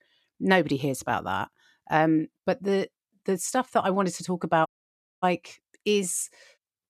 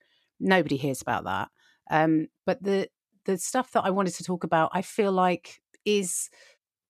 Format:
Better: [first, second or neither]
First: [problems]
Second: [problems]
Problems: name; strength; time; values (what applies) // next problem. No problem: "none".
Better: second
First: audio cutting out; at 4.5 s for 0.5 s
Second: none